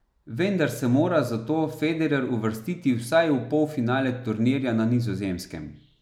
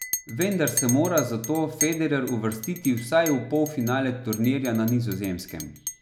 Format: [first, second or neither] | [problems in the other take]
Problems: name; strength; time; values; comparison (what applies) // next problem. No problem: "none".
first | background sound (Chink, clink); 10 dB below the speech